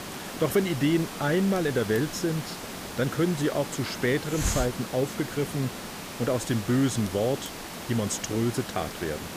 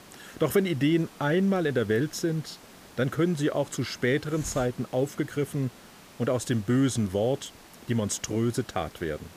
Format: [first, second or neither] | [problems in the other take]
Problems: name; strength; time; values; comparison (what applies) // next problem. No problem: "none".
second | hiss; loud; throughout; 8 dB below the speech; faint in the second